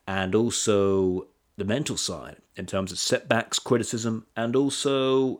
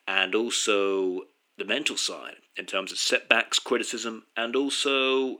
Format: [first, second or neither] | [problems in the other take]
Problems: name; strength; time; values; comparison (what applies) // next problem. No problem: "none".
first | thin; very slightly; fading below 300 Hz